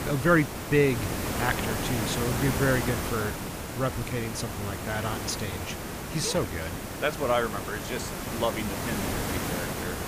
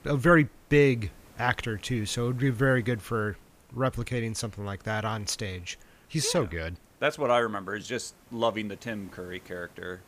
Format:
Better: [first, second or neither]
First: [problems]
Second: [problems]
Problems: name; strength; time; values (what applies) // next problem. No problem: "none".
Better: second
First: hiss; loud; throughout; 3 dB below the speech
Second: hiss; faint; throughout; 30 dB below the speech